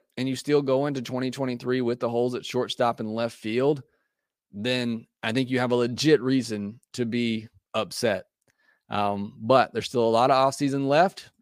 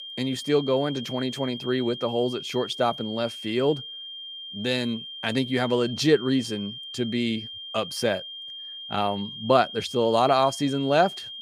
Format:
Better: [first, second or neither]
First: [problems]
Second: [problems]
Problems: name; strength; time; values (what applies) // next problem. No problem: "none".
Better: first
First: none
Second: high-pitched whine; noticeable; throughout; 3 kHz, 10 dB below the speech